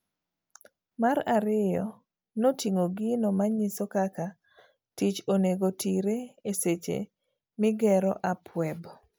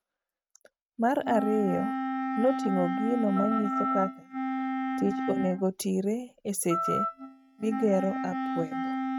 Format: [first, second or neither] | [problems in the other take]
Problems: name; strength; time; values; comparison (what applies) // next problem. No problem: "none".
first | noise reduction (neural mask model RNNoise)